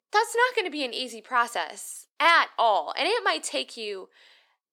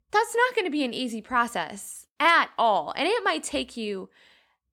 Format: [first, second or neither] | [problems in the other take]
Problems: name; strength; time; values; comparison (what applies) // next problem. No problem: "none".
second | thin; somewhat; fading below 400 Hz